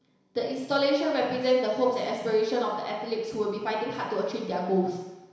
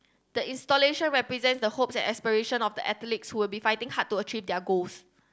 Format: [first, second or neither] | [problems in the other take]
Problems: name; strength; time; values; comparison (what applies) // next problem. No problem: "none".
second | room echo; dies away in 1 s